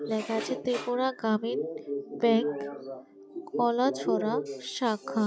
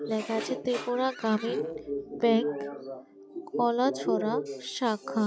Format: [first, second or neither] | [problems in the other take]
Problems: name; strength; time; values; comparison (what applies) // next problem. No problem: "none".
first | background sound (Livestock, farm animals, working animals); 19 dB below the speech